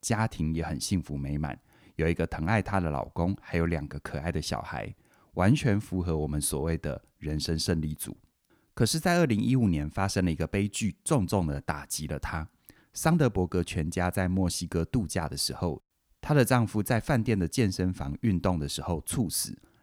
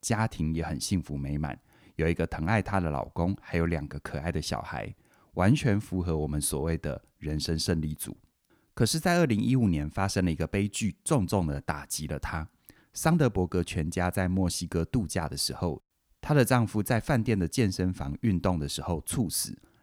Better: neither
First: none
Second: none

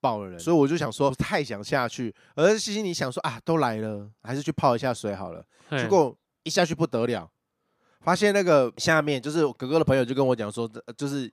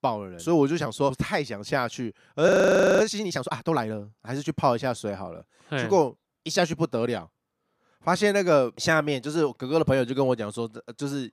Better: first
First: none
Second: audio freezing; at 2.5 s for 0.5 s

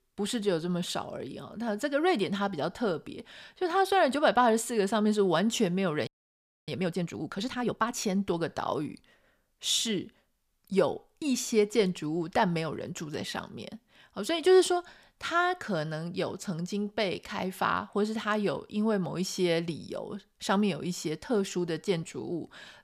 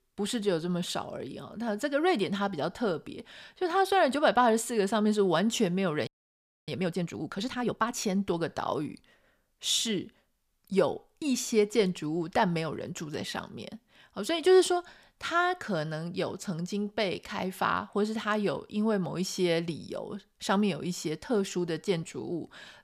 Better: neither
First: audio freezing; at 6 s for 0.5 s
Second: audio freezing; at 6 s for 0.5 s

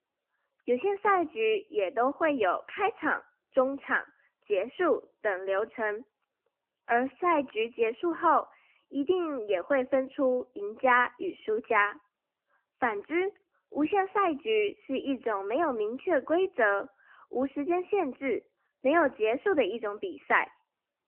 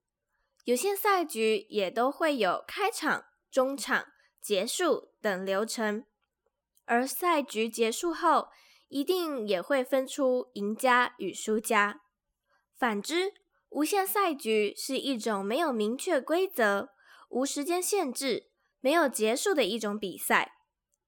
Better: second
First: phone-call audio; nothing above 3 kHz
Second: none

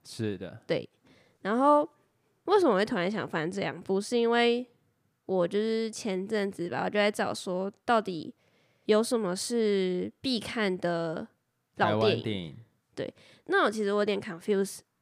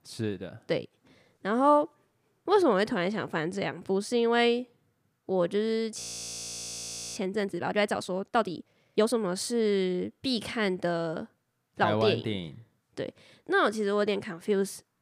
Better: first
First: none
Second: audio freezing; at 6 s for 1 s

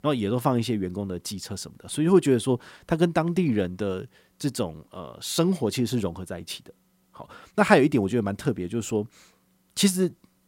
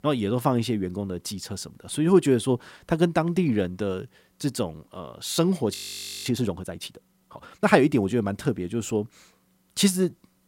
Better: first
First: none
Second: audio freezing; at 5.5 s for 0.5 s

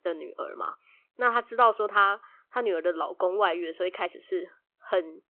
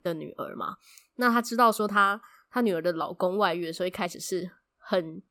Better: second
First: phone-call audio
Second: none

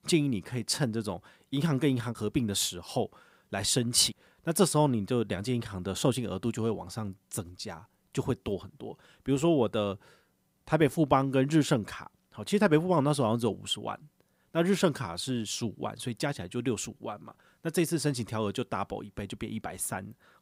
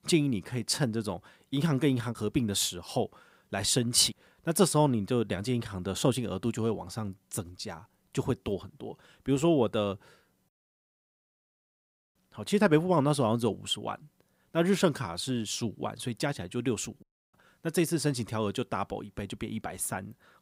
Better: first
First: none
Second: audio cutting out; at 10 s for 1.5 s and at 17 s

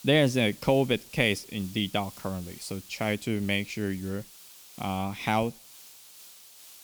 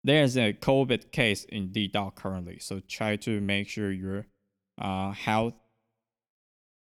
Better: second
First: hiss; noticeable; throughout; 20 dB below the speech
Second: none

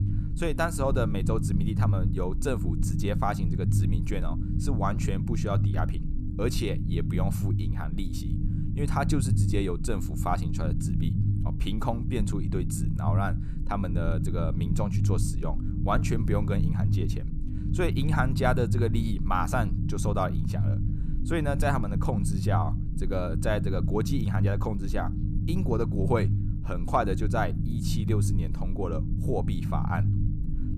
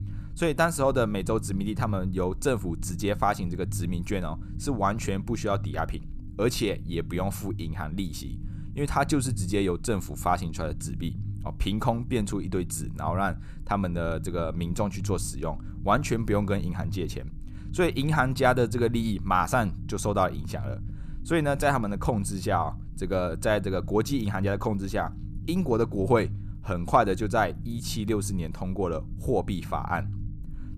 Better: second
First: low rumble; loud; throughout; 8 dB below the speech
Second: low rumble; faint; throughout; 20 dB below the speech

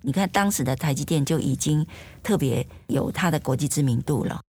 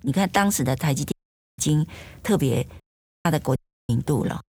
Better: first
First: none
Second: audio cutting out; at 1 s, at 3 s and at 3.5 s

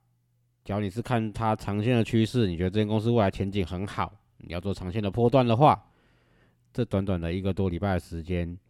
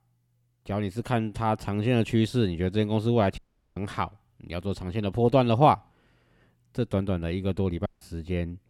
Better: first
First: none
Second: audio cutting out; at 3.5 s and at 8 s

